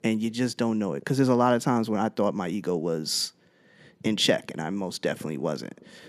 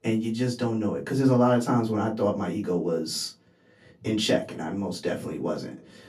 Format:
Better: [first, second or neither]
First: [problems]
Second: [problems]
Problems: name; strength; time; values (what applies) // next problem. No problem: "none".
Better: first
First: none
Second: off-mic speech; far // room echo; very slight; dies away in 0.2 s